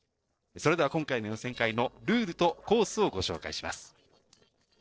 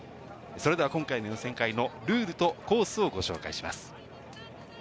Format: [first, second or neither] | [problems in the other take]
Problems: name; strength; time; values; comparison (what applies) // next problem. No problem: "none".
second | noise reduction (neural separator model SepFormer DNS4)